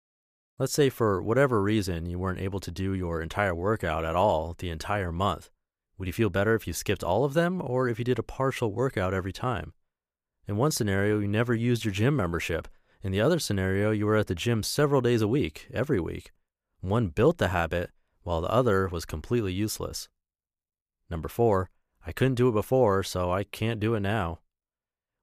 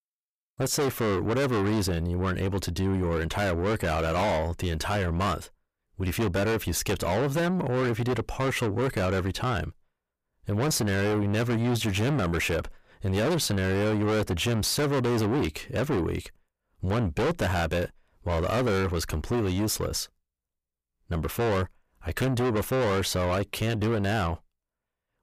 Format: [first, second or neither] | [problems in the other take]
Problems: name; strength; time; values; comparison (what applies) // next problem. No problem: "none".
first | distortion; heavy; 6 dB below the speech